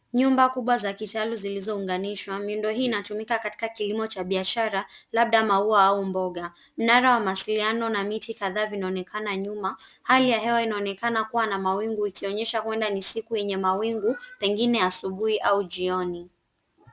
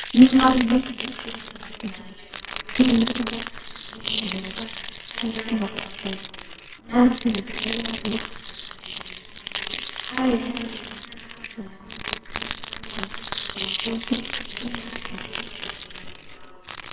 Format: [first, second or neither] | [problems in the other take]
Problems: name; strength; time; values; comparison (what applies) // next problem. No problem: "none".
first | noise reduction (neural separator model SepFormer WHAMR!)